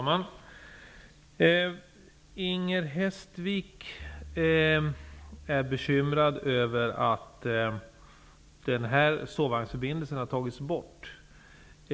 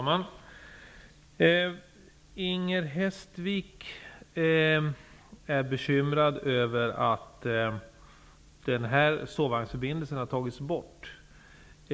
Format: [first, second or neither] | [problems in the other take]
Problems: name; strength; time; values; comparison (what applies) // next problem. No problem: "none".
second | background sound (Bowed string instrument); 17 dB below the speech